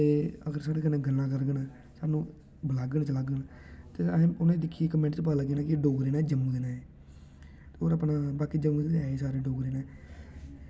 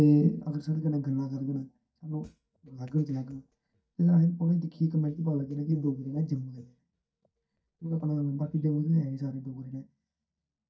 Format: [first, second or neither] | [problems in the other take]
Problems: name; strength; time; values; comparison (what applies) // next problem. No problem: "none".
first | noise reduction (neural mask model DeepFilterNet 3)